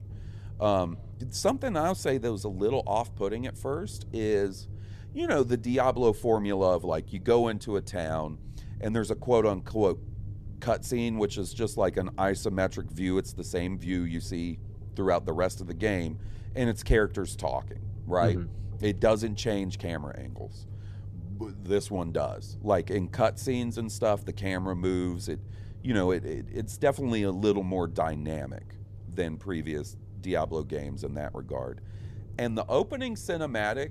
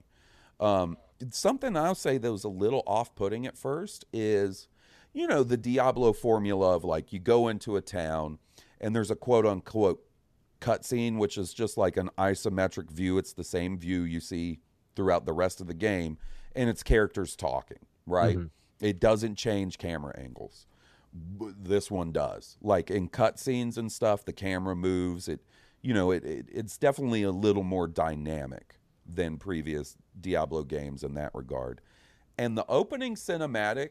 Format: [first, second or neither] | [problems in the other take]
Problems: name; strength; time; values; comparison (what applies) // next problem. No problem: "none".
second | low rumble; faint; throughout; 25 dB below the speech